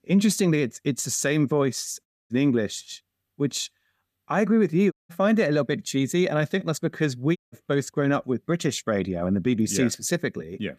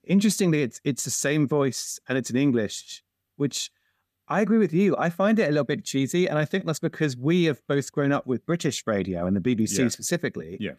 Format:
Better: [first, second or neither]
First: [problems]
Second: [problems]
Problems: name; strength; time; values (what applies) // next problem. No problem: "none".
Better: second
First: audio cutting out; at 2 s, at 5 s and at 7.5 s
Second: none